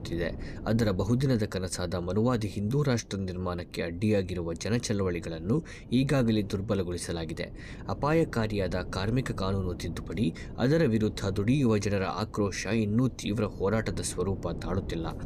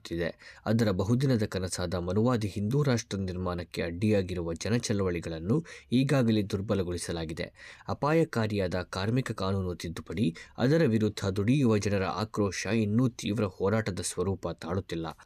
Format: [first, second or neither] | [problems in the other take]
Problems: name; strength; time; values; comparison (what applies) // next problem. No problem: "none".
second | wind noise on the microphone; occasional gusts; 20 dB below the speech